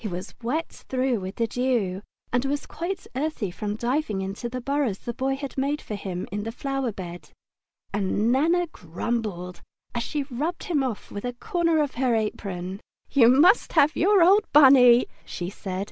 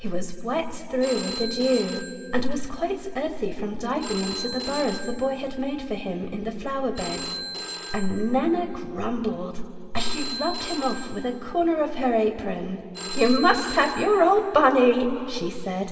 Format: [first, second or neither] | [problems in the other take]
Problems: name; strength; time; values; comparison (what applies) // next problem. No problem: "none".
first | background sound (Telephone); 14 dB below the speech // room echo; dies away in 2.3 s